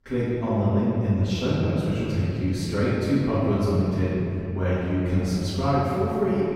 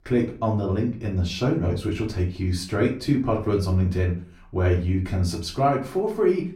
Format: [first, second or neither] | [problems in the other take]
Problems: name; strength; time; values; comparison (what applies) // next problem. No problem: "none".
second | room echo; strong; dies away in 3 s; slight in the second // off-mic speech; far; far in the second